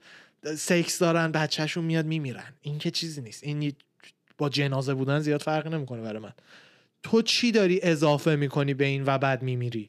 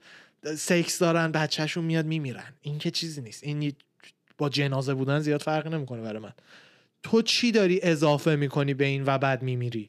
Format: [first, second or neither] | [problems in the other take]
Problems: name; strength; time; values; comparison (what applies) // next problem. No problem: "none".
neither | none